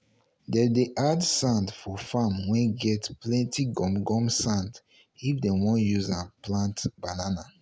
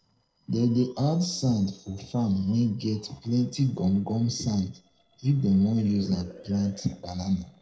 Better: first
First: none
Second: noise reduction (neural separator model SepFormer DNS4)

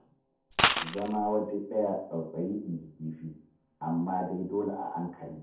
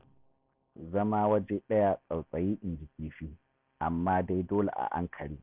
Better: second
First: background sound (Coin (dropping)); 5 dB above the speech // room echo; dies away in 0.6 s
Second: none

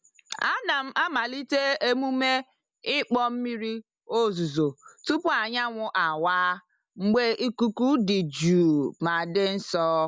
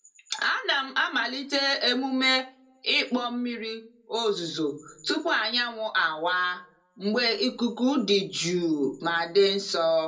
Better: first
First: none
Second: room echo; dies away in 0.2 s

